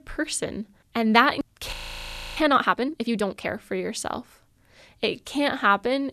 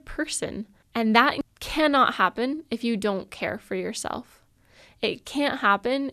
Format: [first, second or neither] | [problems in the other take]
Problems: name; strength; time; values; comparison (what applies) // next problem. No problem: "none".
second | audio freezing; at 1.5 s for 0.5 s